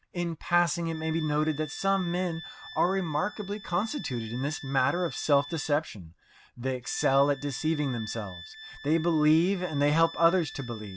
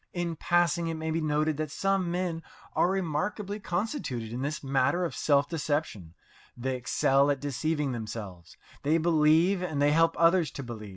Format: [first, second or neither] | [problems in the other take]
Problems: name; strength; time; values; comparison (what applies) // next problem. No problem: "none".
second | background sound (Wind instrument, woodwind instrument); 17 dB below the speech